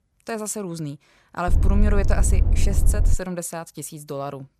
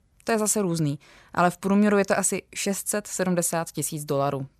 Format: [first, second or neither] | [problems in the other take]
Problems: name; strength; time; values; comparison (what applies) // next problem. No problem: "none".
second | low rumble; loud; from 1.5 to 3 s; 8 dB below the speech